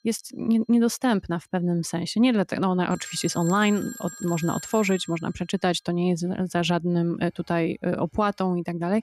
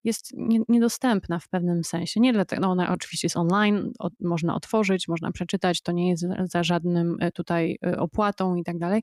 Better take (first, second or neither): second